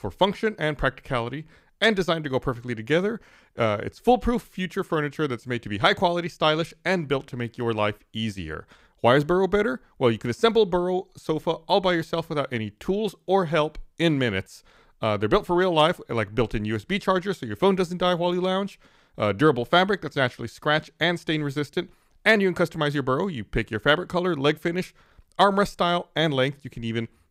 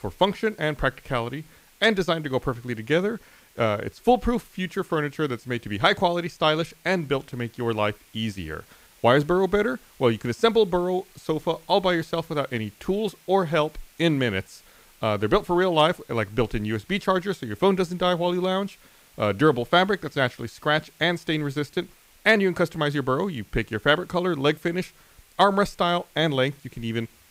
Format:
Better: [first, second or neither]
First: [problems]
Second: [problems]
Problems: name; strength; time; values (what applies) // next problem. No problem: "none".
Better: first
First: none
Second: hiss; faint; throughout; 30 dB below the speech